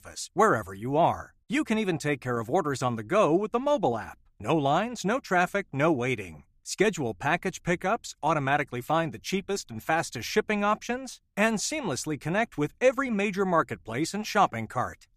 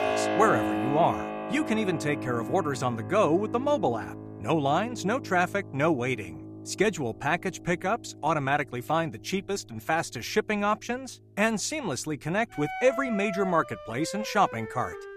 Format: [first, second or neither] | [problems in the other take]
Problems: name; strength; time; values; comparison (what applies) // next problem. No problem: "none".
first | background music; loud; throughout; 7 dB below the speech